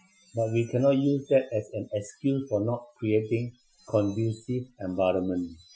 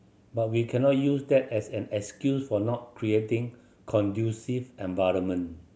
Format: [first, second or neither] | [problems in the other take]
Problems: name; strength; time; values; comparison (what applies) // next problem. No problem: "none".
second | noise reduction (classical method Wiener filter)